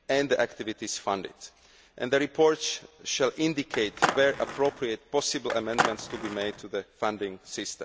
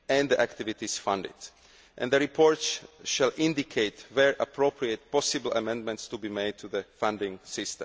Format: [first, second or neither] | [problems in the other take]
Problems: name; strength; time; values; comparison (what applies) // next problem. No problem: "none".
second | background sound (Skateboard); 2 dB below the speech